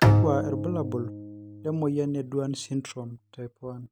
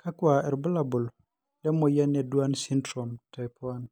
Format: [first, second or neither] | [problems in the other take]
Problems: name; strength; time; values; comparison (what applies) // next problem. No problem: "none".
second | background sound (Bowed string instrument); 3 dB above the speech